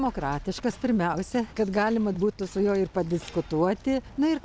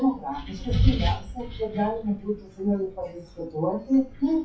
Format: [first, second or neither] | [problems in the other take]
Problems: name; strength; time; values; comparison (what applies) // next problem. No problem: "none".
first | noise reduction (classical method WPE with log-MMSE)